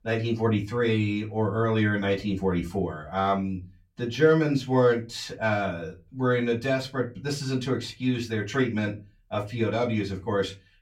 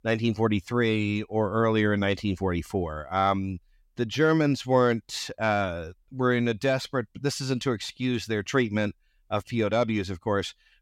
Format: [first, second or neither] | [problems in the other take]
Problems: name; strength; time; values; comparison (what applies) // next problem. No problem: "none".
second | off-mic speech; far // room echo; very slight; dies away in 0.2 s